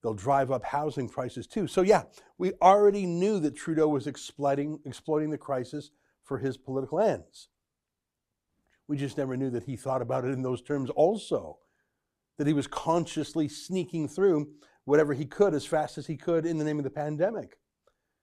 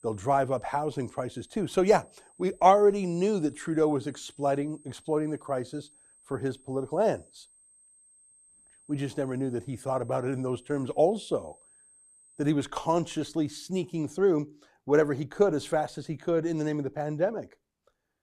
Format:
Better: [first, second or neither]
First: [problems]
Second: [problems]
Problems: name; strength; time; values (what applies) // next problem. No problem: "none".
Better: first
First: none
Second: high-pitched whine; faint; until 12 s; 8.5 kHz, 30 dB below the speech